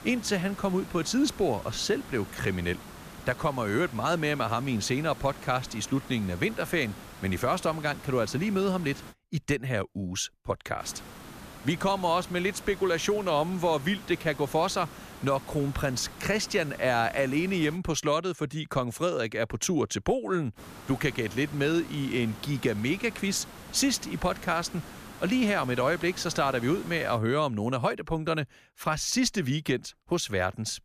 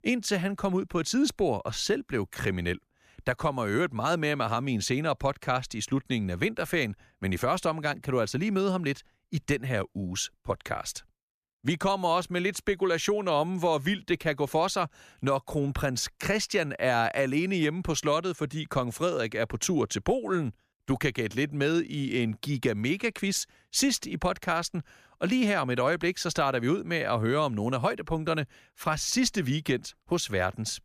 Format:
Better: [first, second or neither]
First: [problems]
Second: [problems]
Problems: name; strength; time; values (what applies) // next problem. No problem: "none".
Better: second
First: hiss; noticeable; until 9 s, from 11 to 18 s and from 21 to 27 s; 15 dB below the speech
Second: none